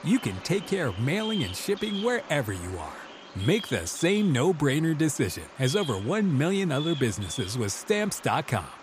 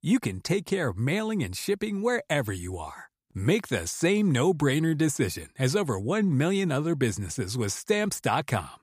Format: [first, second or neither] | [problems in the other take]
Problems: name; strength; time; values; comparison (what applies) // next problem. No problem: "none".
second | animal sounds; noticeable; throughout; 15 dB below the speech